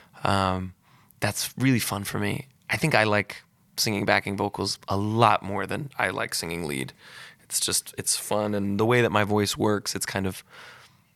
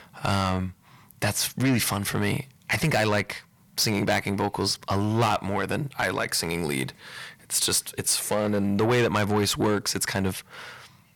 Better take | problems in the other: first | distortion; heavy; 7 dB below the speech

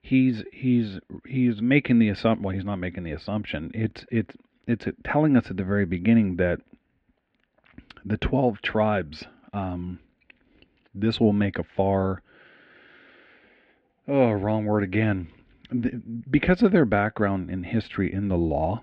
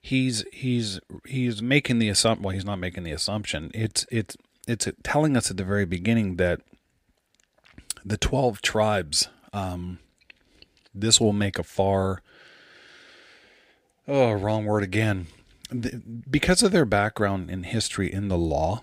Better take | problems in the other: second | muffled; very; fading above 3 kHz

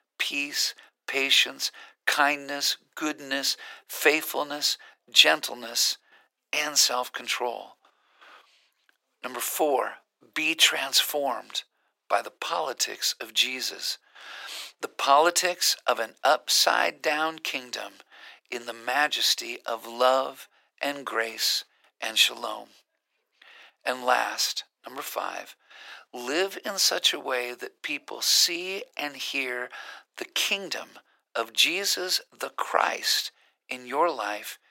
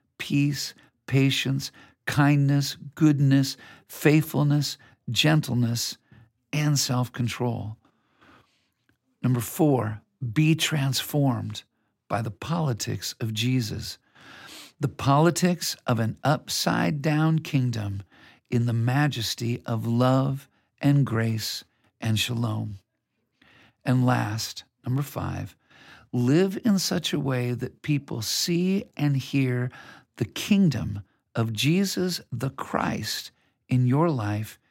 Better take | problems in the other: second | thin; very; fading below 500 Hz

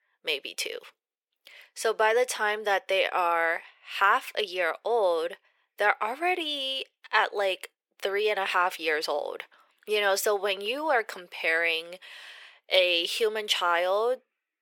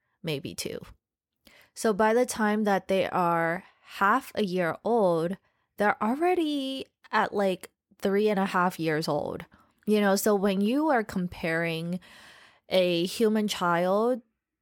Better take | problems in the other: second | thin; very; fading below 450 Hz

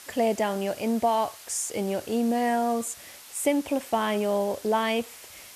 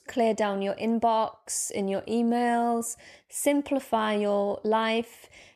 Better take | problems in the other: second | hiss; noticeable; throughout; 15 dB below the speech

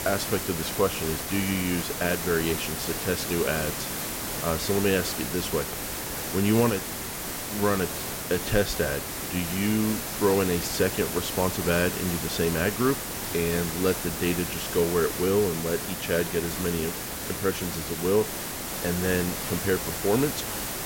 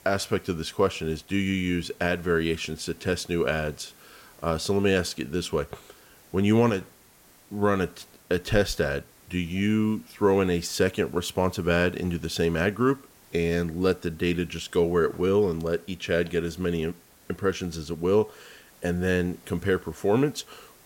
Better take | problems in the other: second | hiss; loud; throughout; 3 dB below the speech; faint in the second

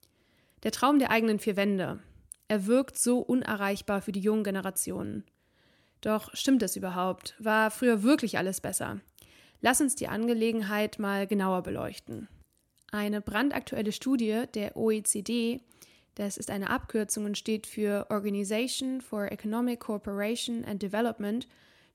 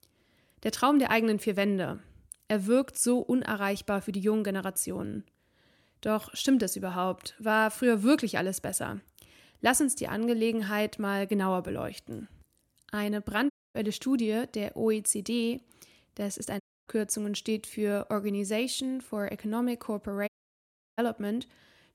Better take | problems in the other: first | audio cutting out; at 14 s, at 17 s and at 20 s for 0.5 s

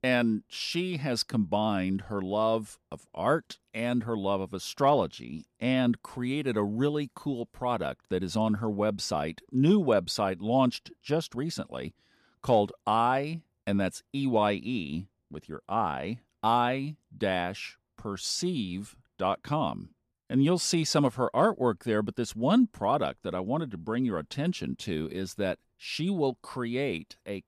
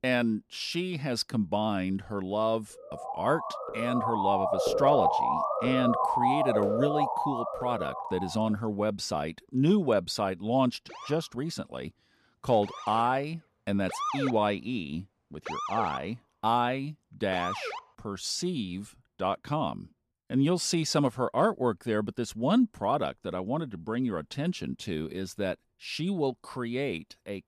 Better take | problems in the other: first | siren; loud; from 3 to 8.5 s; peak 4 dB above the speech // siren; noticeable; from 11 to 18 s; peak 2 dB below the speech

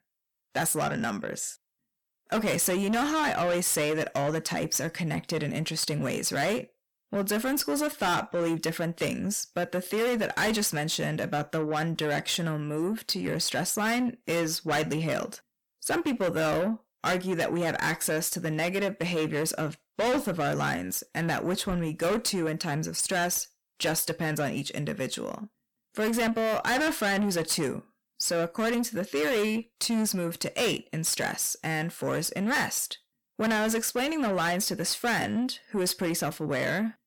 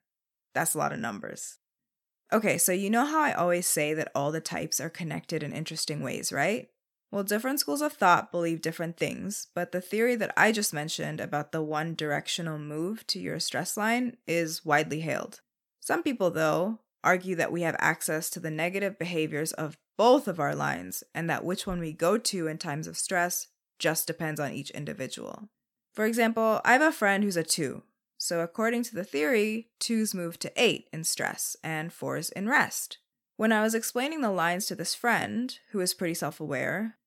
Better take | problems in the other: second | distortion; heavy; 6 dB below the speech

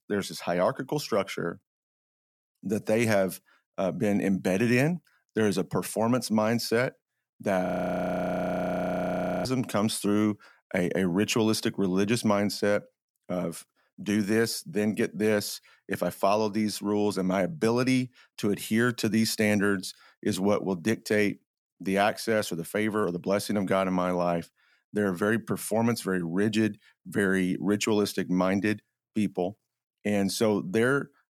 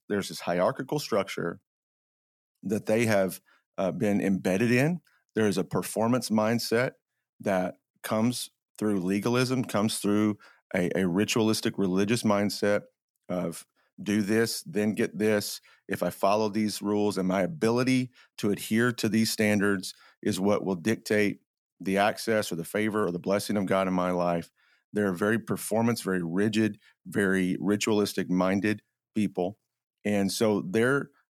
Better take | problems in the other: second | audio freezing; at 7.5 s for 2 s

